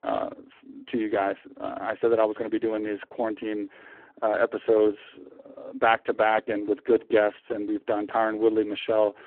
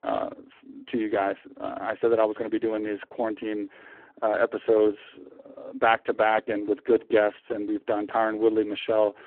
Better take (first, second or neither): neither